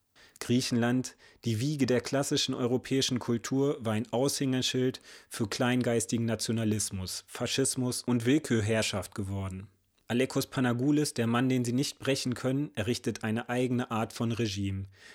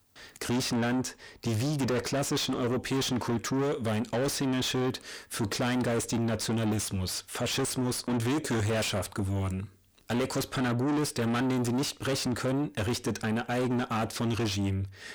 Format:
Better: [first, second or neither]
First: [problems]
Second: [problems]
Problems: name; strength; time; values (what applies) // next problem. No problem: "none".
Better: first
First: none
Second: distortion; heavy; 7 dB below the speech